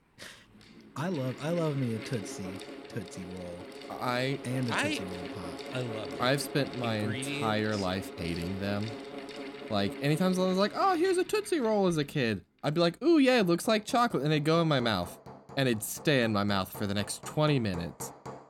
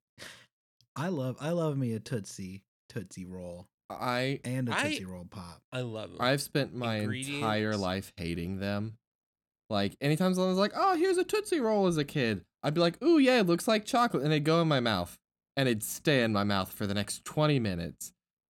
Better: second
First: machinery noise; noticeable; throughout; 15 dB below the speech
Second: none

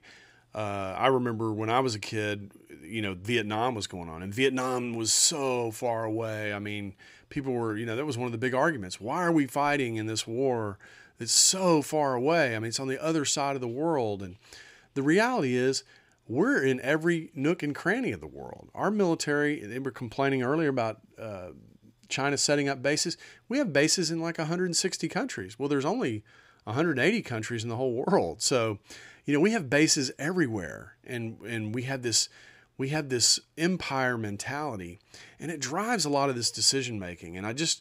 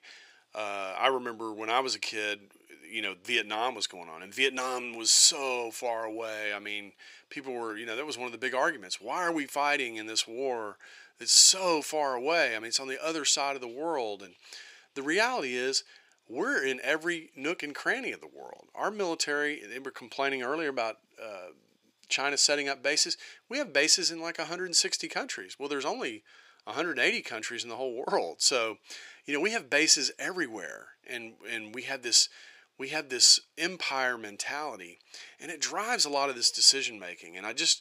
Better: first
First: none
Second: thin; somewhat; fading below 450 Hz

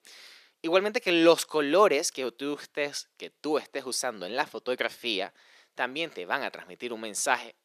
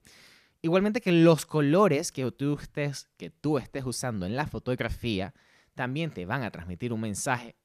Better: second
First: thin; somewhat; fading below 350 Hz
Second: none

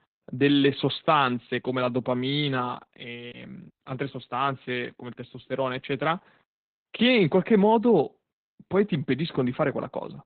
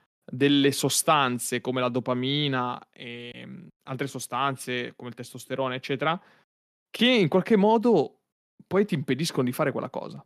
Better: second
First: garbled, watery; badly; nothing above 4 kHz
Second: none

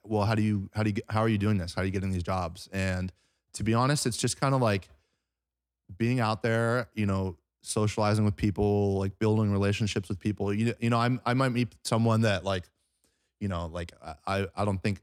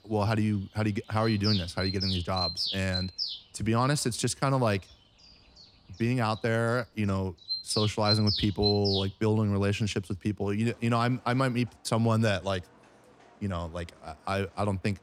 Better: first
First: none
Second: animal sounds; loud; throughout; 3 dB below the speech

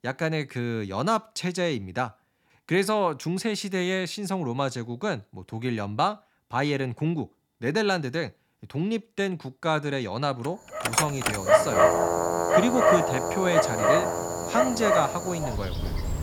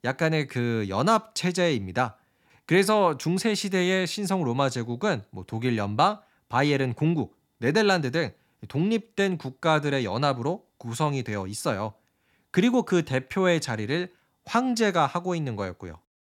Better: second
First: animal sounds; very loud; from 11 s on; 4 dB above the speech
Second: none

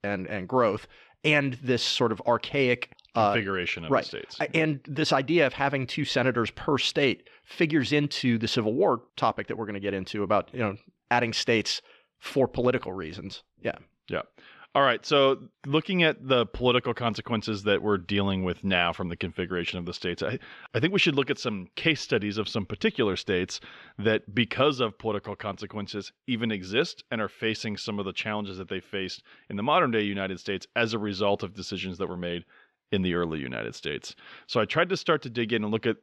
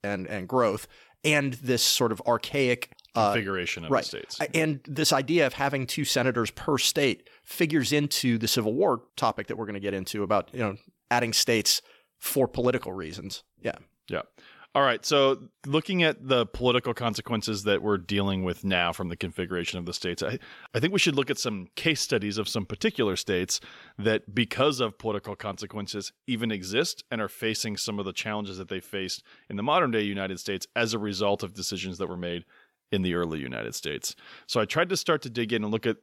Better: second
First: muffled; very slightly; fading above 3 kHz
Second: none

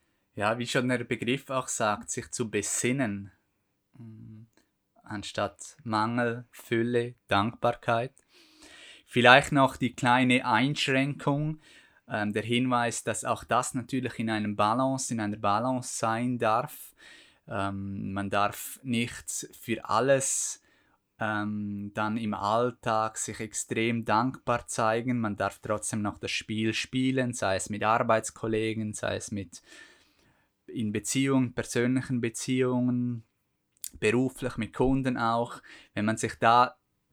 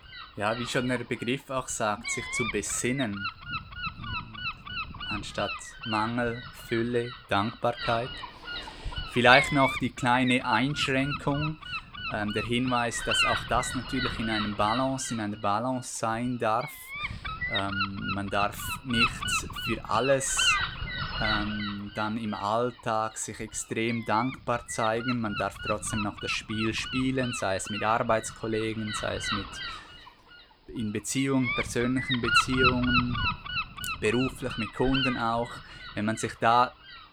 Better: first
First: none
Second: wind noise on the microphone; heavy; 2 dB below the speech

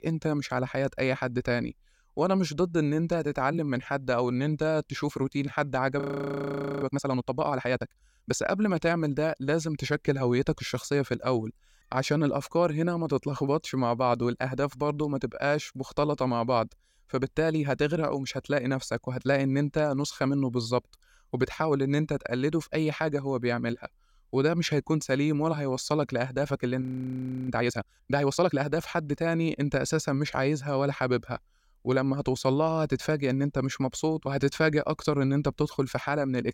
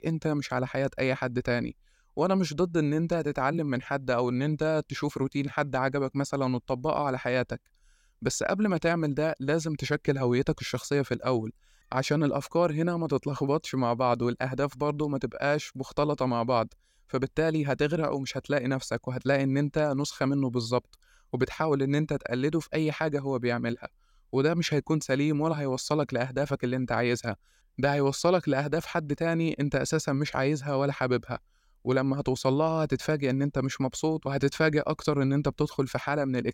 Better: second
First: audio freezing; at 6 s for 1 s and at 27 s for 0.5 s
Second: none

